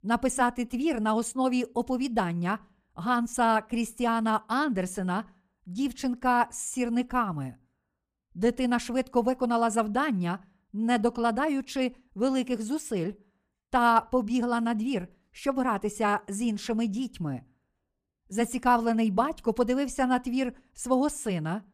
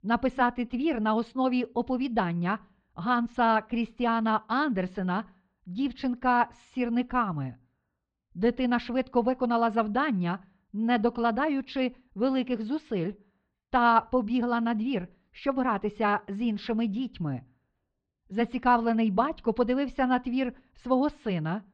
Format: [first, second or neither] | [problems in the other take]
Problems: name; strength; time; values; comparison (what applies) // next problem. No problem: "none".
first | muffled; slightly; fading above 4.5 kHz